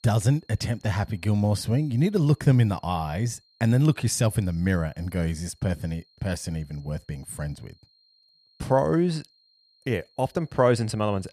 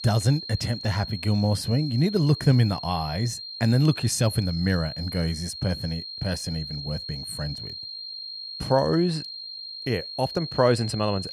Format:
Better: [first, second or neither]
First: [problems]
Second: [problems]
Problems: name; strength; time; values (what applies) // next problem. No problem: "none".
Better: first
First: high-pitched whine; faint; throughout; 4 kHz, 35 dB below the speech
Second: high-pitched whine; loud; throughout; 4 kHz, 9 dB below the speech